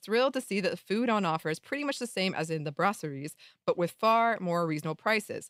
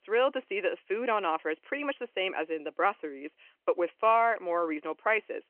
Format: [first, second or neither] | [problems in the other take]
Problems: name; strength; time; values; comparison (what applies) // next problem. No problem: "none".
first | phone-call audio; nothing above 3 kHz